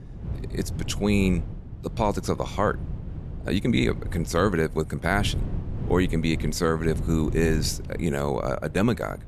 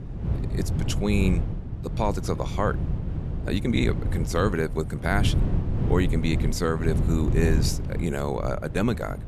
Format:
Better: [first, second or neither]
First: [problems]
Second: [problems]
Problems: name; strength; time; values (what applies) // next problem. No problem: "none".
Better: first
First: wind noise on the microphone; occasional gusts; 15 dB below the speech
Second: wind noise on the microphone; heavy; 10 dB below the speech